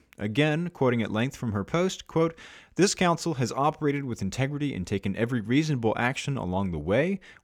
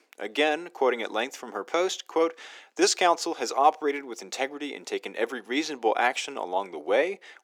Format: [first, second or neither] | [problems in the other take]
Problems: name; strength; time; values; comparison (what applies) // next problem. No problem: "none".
first | thin; very; fading below 350 Hz